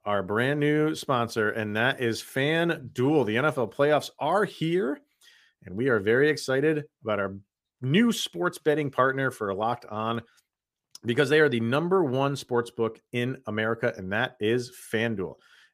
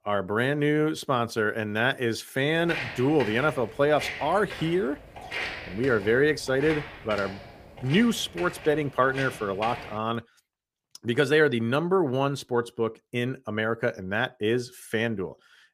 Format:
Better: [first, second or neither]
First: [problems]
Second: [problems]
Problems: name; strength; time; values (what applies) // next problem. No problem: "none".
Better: first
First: none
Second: footsteps; noticeable; from 2.5 to 10 s; peak 5 dB below the speech